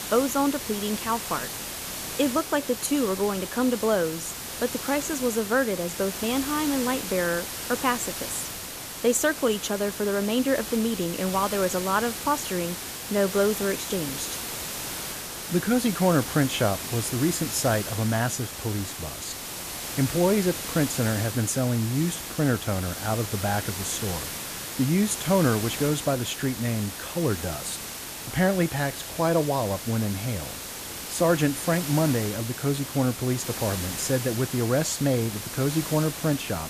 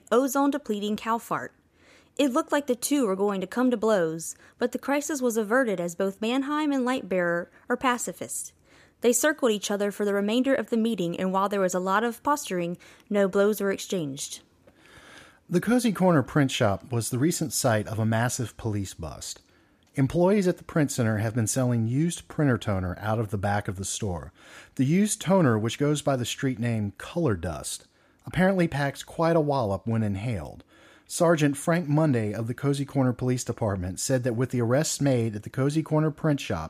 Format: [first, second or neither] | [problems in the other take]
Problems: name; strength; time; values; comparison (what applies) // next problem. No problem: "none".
second | hiss; loud; throughout; 6 dB below the speech